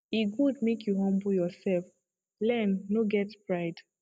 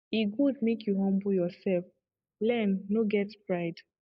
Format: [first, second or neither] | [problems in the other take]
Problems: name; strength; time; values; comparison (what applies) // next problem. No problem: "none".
first | noise reduction (neural mask model Resemble Enhance denoiser)